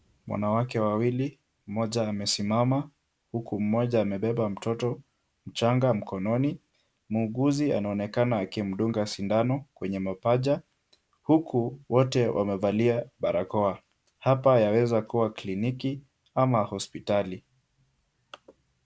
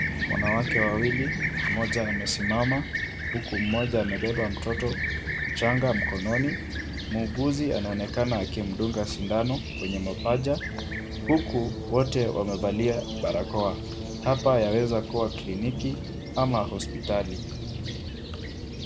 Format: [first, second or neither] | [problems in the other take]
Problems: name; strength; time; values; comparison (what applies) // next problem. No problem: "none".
first | background sound (Fixed-wing aircraft, airplane); 4 dB below the speech